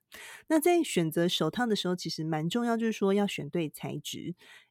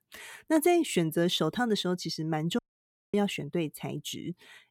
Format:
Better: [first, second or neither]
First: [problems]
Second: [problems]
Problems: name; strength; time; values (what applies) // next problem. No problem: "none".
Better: first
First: none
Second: audio cutting out; at 2.5 s for 0.5 s